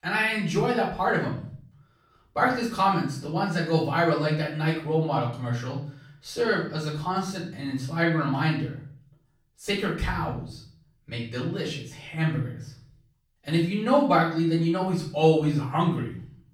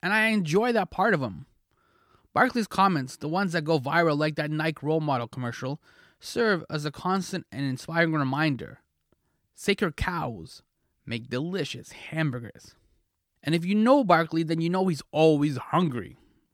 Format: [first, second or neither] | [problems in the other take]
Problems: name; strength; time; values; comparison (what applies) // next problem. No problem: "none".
second | off-mic speech; far // room echo; noticeable; dies away in 0.5 s